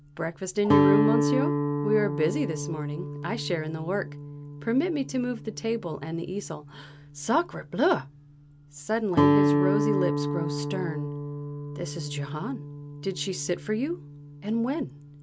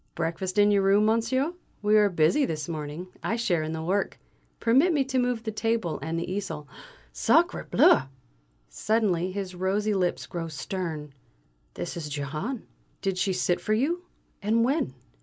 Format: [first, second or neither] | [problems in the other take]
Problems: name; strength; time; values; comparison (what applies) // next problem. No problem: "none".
second | background sound (Guitar); 1 dB above the speech